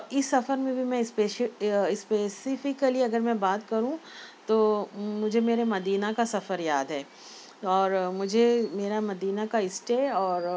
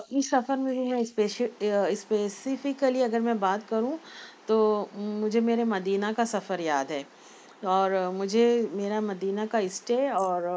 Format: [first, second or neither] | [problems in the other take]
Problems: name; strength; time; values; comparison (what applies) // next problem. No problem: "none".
first | noise reduction (neural mask model Resemble Enhance denoiser)